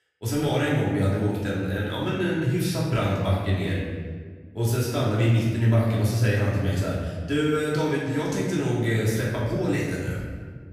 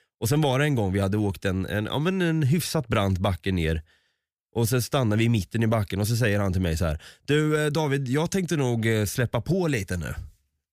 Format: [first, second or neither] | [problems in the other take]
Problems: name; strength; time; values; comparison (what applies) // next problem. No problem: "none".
second | room echo; noticeable; dies away in 1.4 s // off-mic speech; far